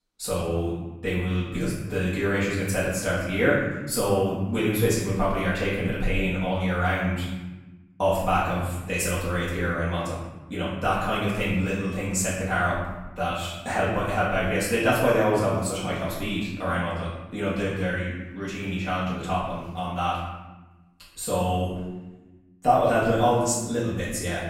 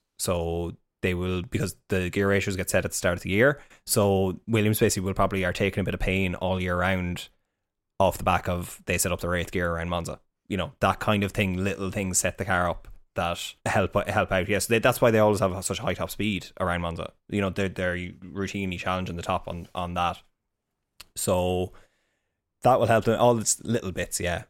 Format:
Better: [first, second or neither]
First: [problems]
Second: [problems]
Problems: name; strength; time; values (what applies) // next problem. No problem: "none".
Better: second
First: off-mic speech; far // room echo; noticeable; dies away in 1.1 s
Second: none